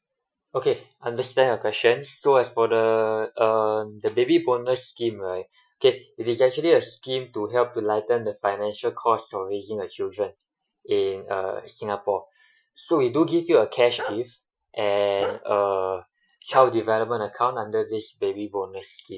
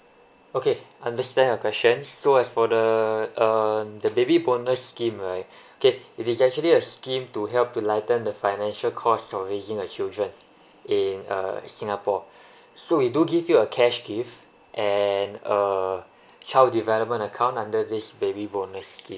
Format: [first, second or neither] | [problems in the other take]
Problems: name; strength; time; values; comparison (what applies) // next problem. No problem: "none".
second | noise reduction (classical method Wiener filter)